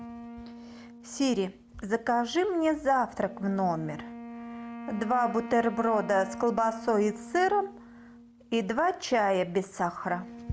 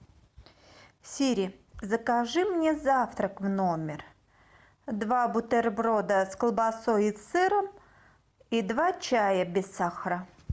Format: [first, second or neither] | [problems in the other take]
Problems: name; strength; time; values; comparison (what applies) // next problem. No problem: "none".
second | background sound (Wind instrument, woodwind instrument); 14 dB below the speech